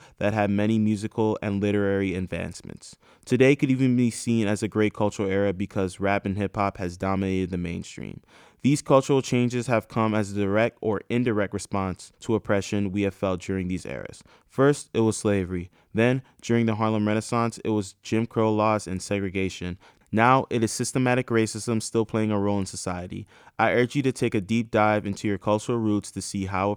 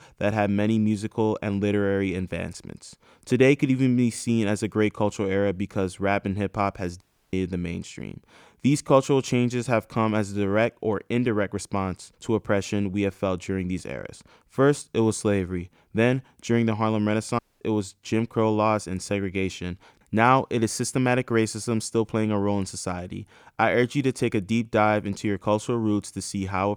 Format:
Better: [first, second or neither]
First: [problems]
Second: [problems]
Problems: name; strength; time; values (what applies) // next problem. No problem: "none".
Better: first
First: none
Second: audio cutting out; at 7 s and at 17 s